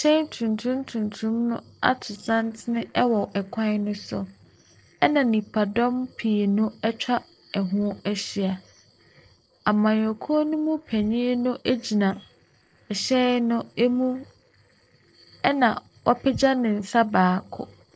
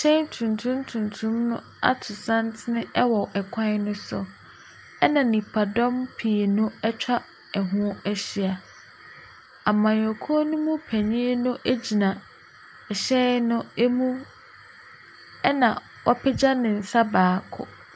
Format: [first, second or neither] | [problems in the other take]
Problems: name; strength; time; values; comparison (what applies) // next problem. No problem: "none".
second | noise reduction (neural separator model SepFormer DNS4)